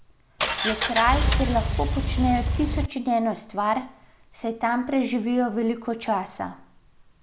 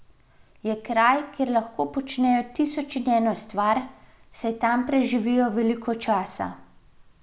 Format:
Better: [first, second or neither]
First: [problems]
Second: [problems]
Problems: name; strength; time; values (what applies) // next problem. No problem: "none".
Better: second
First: background sound (Engine); 2 dB above the speech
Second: none